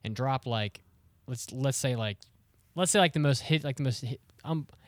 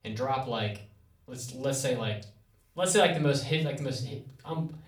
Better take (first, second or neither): first